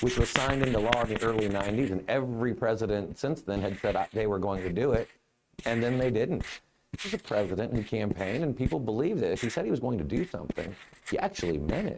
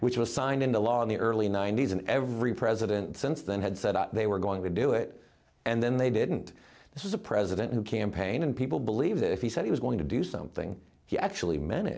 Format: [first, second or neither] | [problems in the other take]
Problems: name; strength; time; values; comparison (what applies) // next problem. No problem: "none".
second | noise reduction (neural mask model RNNoise)